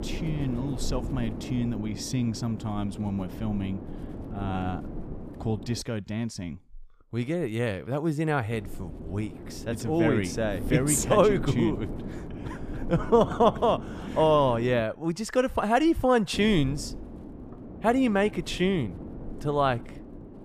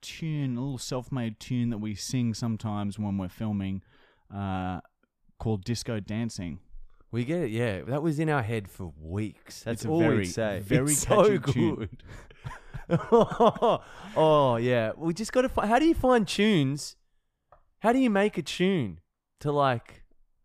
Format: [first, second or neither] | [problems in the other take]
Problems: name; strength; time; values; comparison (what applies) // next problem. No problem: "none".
second | wind noise on the microphone; occasional gusts; until 6 s, from 8.5 to 15 s and from 16 s on; 15 dB below the speech